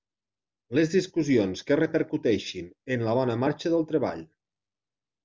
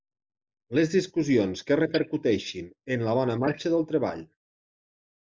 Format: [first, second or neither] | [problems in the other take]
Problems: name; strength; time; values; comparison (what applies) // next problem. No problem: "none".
first | noise reduction (neural mask model Resemble Enhance denoiser)